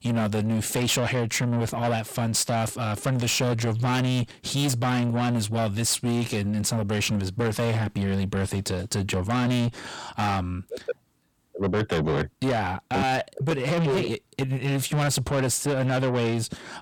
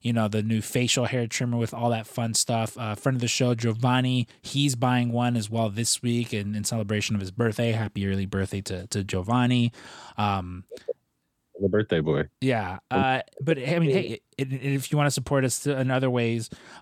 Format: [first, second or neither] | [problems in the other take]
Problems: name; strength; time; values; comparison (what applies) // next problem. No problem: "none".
second | distortion; heavy; 7 dB below the speech